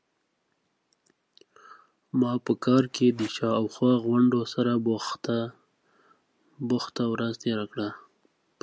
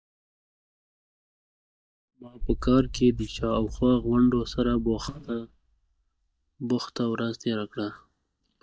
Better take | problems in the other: first | noise reduction (neural mask model DeepFilterNet 3)

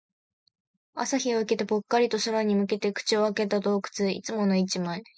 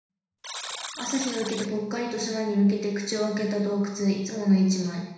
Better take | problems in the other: first | background sound (Alarm); 13 dB below the speech // room echo; dies away in 1 s

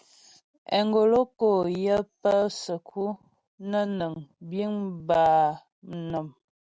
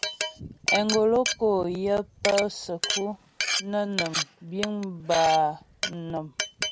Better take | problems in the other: first | background sound (Glass); 5 dB below the speech

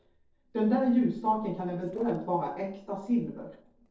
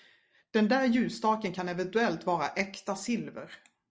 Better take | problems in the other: second | noise reduction (neural separator model SepFormer DNS4)

